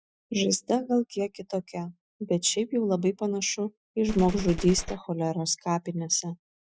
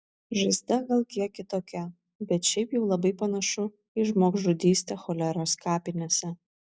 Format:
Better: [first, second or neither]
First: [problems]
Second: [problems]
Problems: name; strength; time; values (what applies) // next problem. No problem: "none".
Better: second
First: noise reduction (classical method Wiener filter)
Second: none